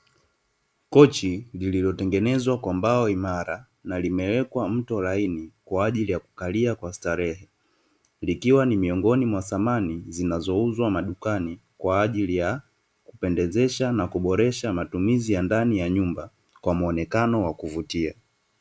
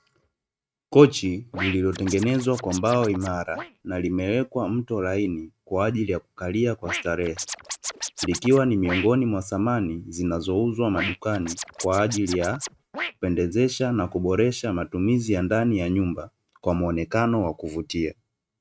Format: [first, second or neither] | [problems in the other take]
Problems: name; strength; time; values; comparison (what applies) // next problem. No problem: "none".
first | noise reduction (neural mask model RNNoise)